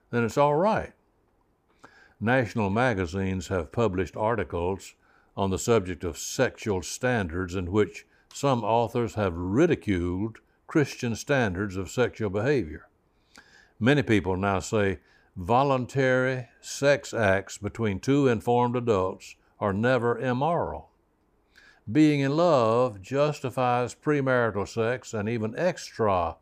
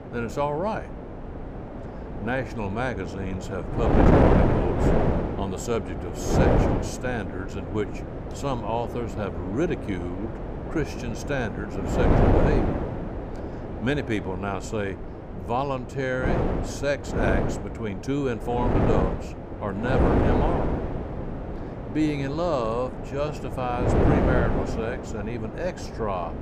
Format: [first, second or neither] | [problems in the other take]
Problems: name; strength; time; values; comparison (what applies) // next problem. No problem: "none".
first | wind noise on the microphone; heavy; as loud as the speech